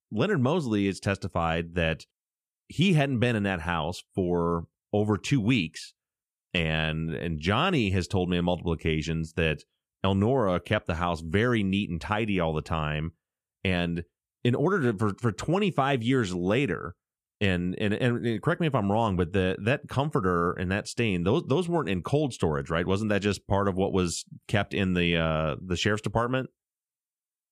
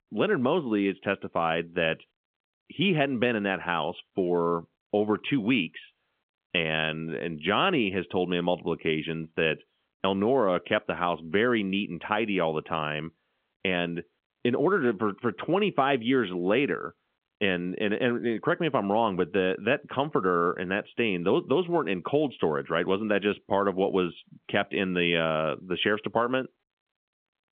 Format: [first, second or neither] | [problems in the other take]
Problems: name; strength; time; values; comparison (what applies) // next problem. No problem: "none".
first | phone-call audio; nothing above 3.5 kHz